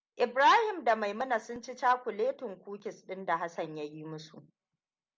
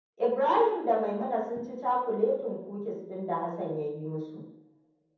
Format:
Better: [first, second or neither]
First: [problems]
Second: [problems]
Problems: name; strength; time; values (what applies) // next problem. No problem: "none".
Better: first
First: none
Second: room echo; dies away in 0.9 s